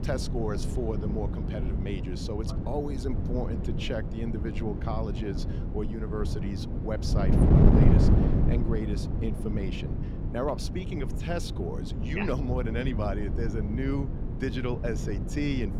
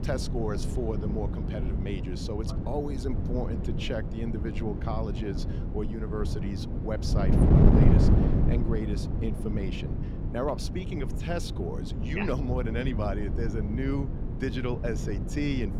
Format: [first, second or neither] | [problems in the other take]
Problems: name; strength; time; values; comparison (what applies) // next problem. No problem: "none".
neither | wind noise on the microphone; heavy; 2 dB below the speech; the same in both